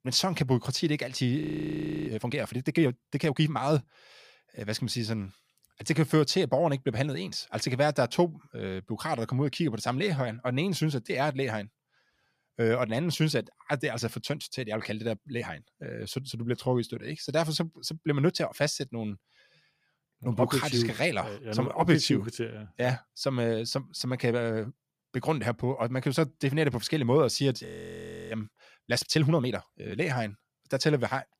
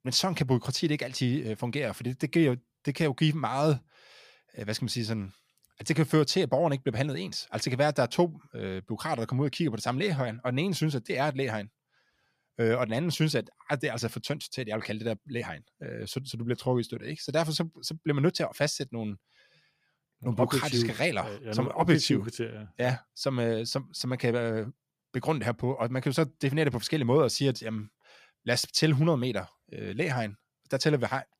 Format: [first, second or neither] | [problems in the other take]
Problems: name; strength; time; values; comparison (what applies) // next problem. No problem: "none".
second | audio freezing; at 1.5 s for 0.5 s and at 28 s for 0.5 s